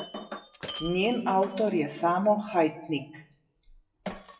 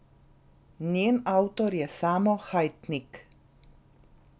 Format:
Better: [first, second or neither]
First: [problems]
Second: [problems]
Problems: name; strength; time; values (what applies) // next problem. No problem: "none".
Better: second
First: noise reduction (classical method WPE with log-MMSE)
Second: none